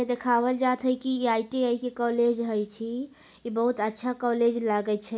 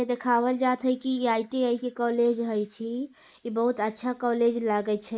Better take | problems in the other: first | noise reduction (neural mask model Resemble Enhance denoiser)

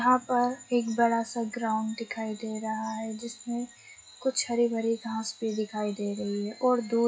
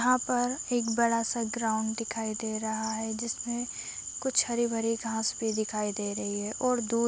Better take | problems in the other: second | noise reduction (classical method WPE with log-MMSE)

